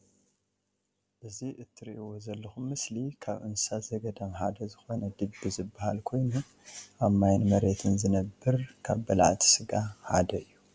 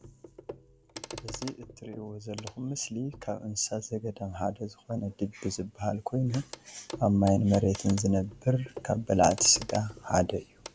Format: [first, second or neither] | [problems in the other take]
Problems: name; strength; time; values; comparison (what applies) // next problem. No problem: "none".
first | background sound (Clock); 17 dB below the speech